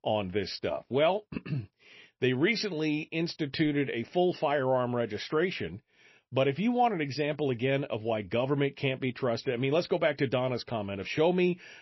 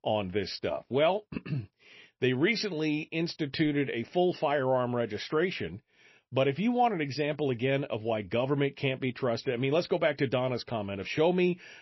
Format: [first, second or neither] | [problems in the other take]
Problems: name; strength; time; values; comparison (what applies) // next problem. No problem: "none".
neither | garbled, watery; slightly; nothing above 5.5 kHz; the same in both